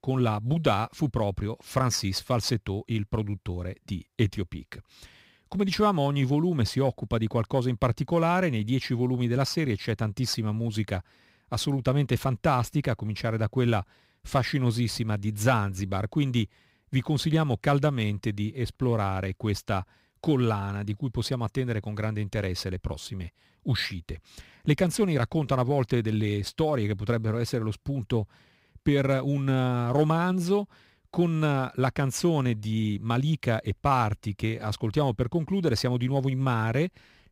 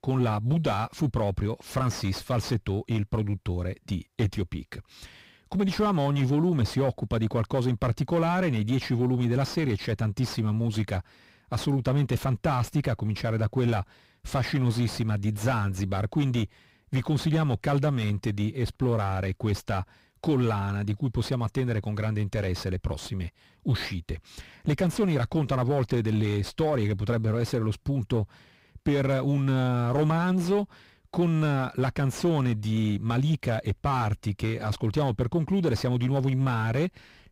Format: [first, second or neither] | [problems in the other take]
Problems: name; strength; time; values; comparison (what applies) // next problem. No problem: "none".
first | distortion; slight; 10 dB below the speech